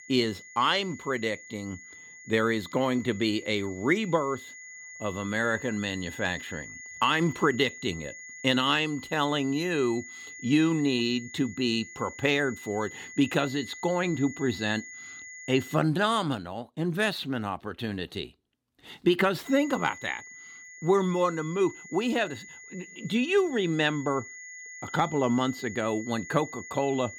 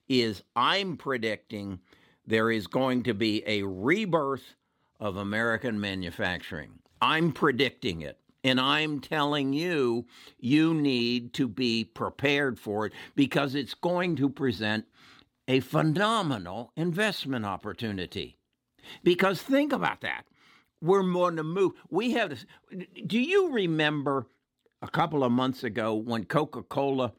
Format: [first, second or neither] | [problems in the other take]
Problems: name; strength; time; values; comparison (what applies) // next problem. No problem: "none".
second | high-pitched whine; noticeable; until 16 s and from 19 s on; 2 kHz, 15 dB below the speech